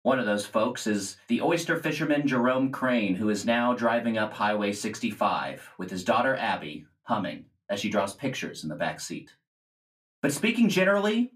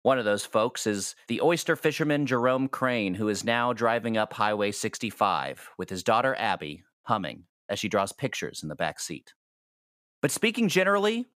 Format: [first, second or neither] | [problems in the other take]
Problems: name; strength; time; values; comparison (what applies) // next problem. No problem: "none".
second | off-mic speech; far // room echo; very slight; dies away in 0.2 s